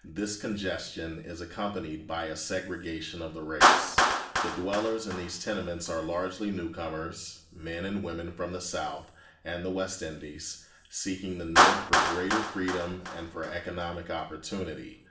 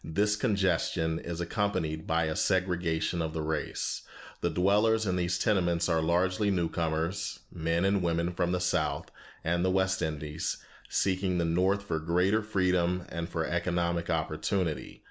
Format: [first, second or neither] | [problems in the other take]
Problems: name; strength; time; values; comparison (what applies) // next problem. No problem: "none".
second | background sound (Clapping); 2 dB above the speech // room echo; dies away in 0.7 s